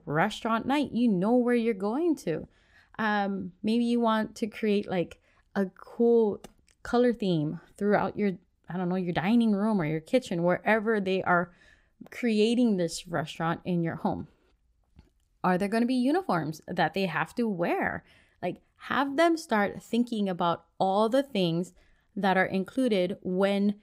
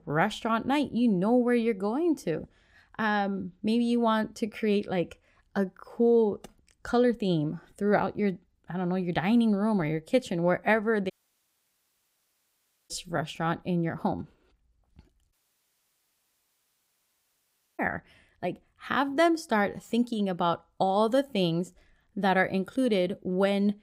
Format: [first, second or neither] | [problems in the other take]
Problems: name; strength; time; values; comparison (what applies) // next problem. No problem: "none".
first | audio cutting out; at 11 s for 2 s and at 15 s for 2.5 s